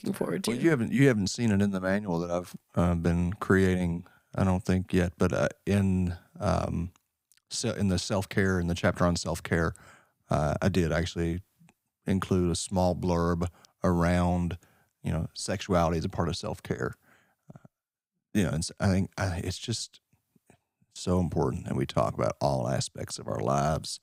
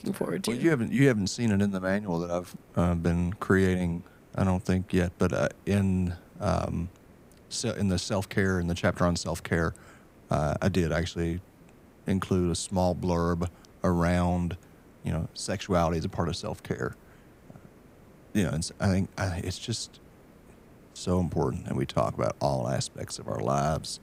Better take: first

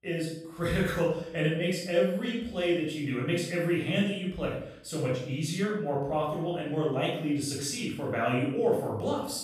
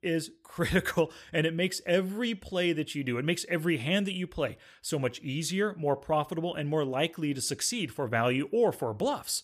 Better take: second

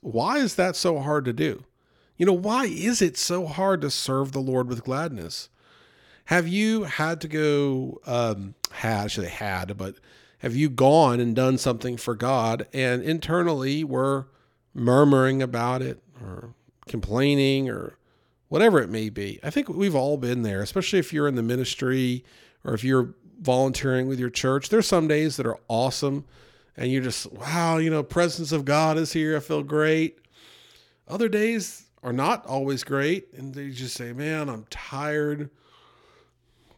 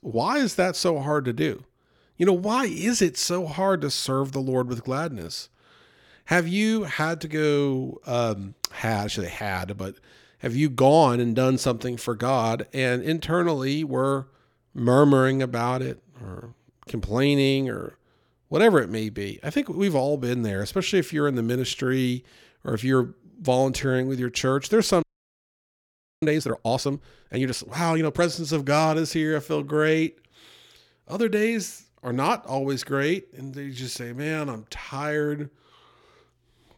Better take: first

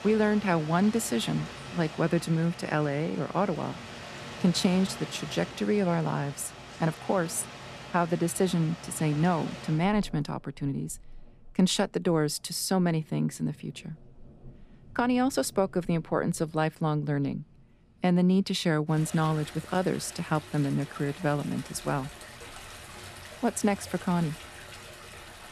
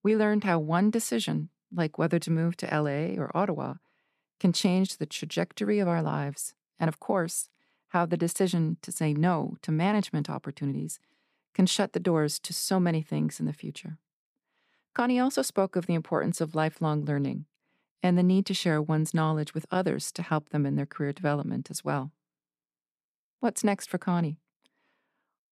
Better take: second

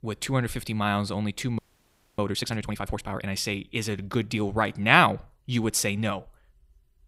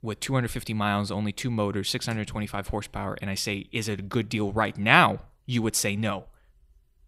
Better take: second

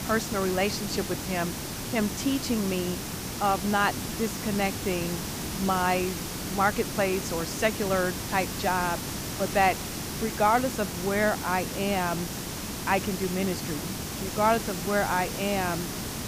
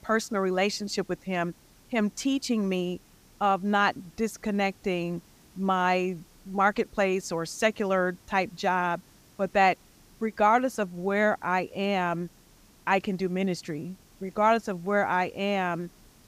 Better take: second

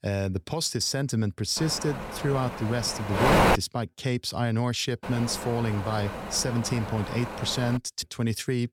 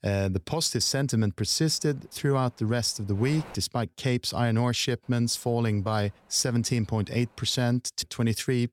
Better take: second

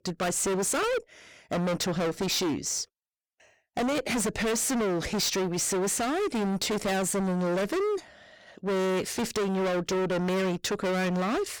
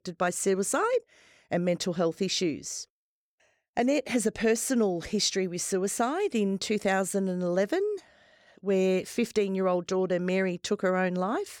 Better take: second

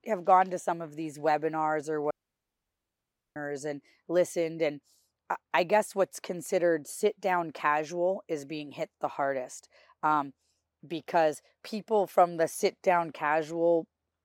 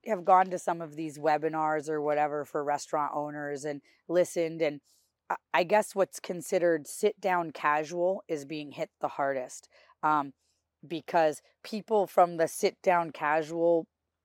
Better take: second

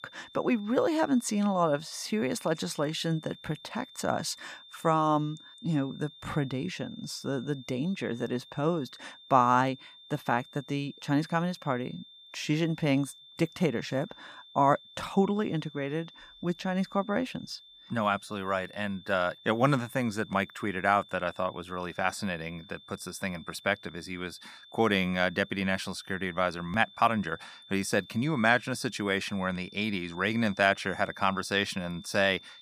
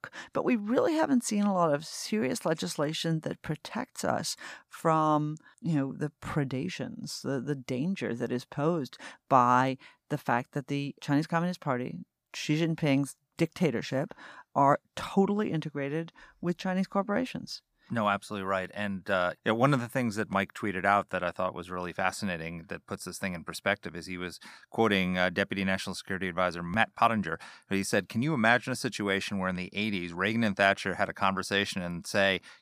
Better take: second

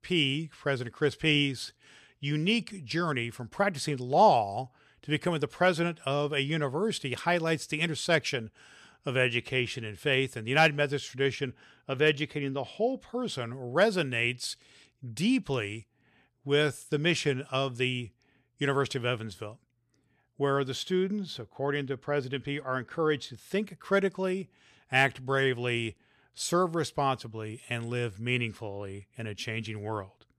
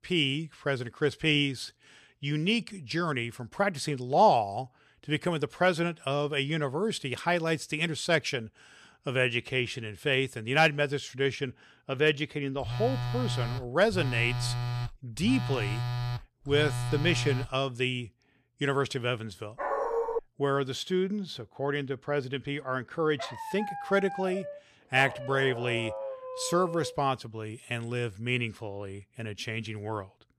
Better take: first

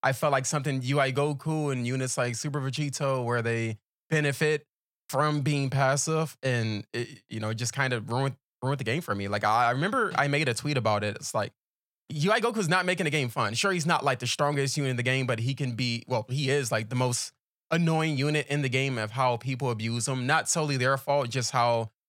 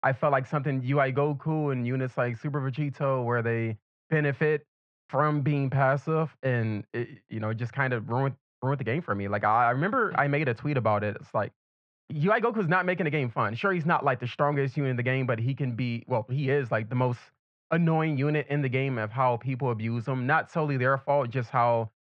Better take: first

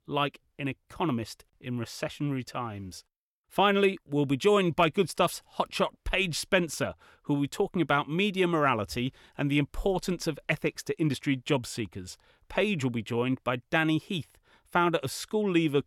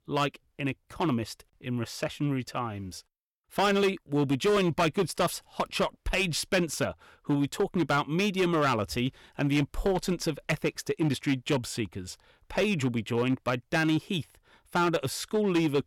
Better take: first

